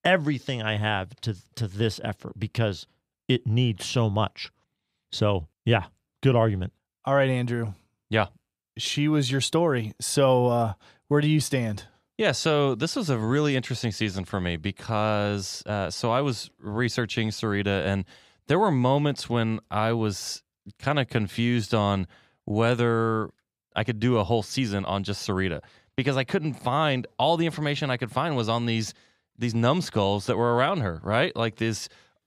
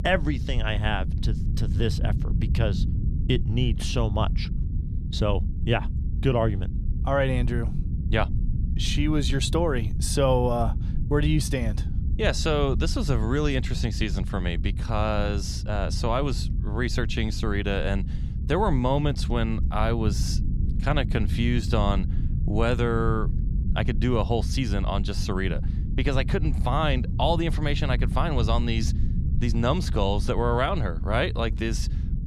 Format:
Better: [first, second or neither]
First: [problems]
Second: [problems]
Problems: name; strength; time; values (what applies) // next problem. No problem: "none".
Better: first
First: none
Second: low rumble; noticeable; throughout; 15 dB below the speech